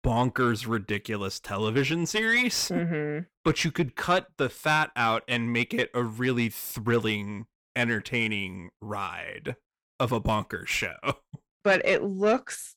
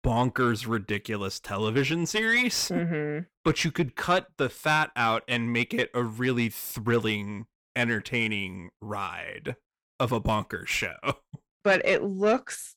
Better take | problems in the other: neither | distortion; slight; 10 dB below the speech; the same in both

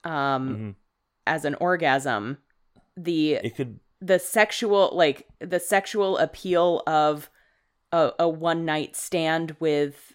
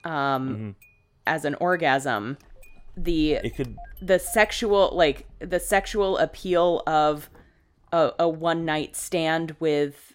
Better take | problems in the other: first | traffic noise; faint; throughout; 25 dB below the speech

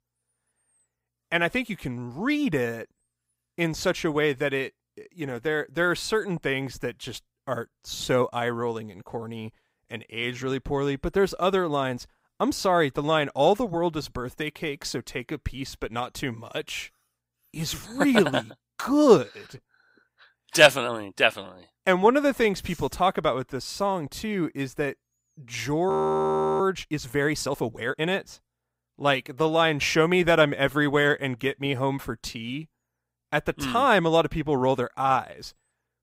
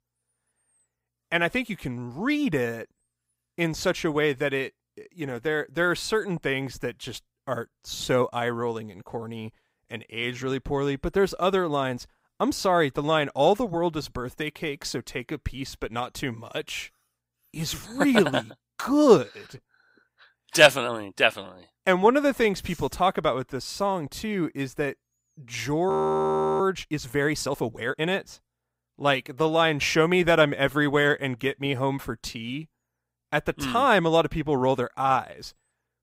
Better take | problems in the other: neither | audio freezing; at 26 s for 0.5 s; the same in both

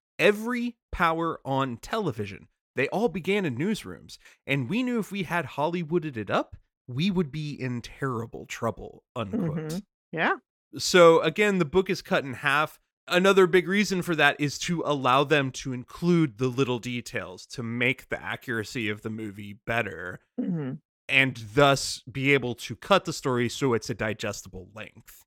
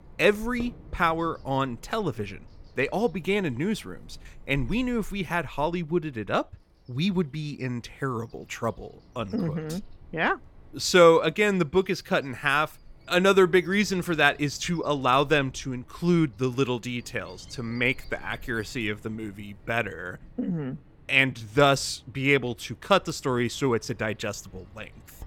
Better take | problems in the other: first | animal sounds; faint; throughout; 25 dB below the speech

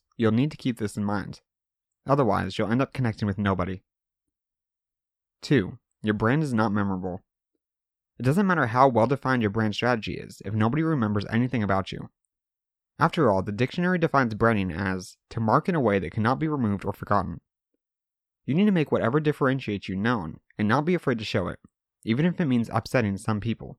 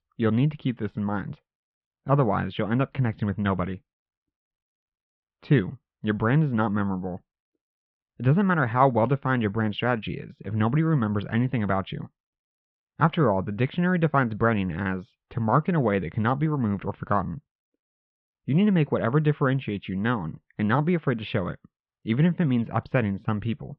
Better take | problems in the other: first | muffled; very; fading above 3.5 kHz

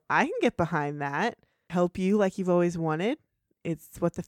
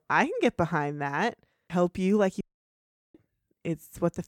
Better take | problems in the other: first | audio cutting out; at 2.5 s for 0.5 s

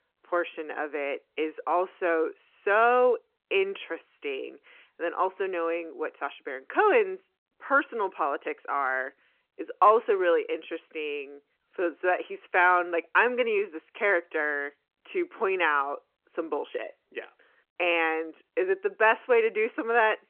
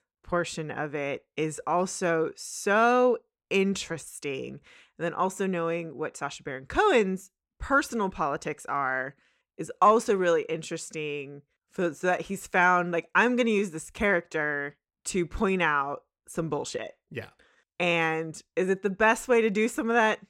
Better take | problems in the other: second | phone-call audio

